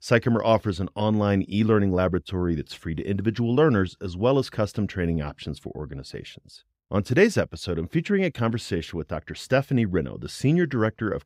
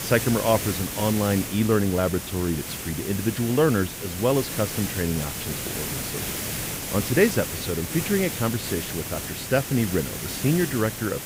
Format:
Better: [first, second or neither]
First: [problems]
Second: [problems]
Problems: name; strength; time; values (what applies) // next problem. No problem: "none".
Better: first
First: none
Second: hiss; loud; throughout; 5 dB below the speech